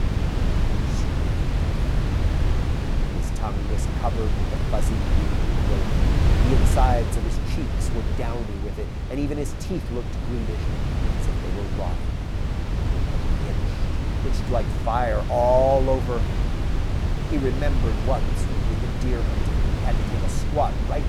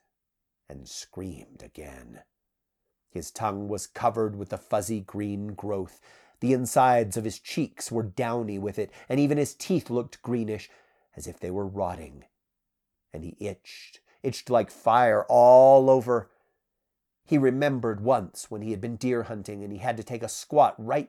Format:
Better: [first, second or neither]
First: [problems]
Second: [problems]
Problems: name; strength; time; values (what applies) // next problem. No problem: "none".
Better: second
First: wind noise on the microphone; heavy; 6 dB below the speech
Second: none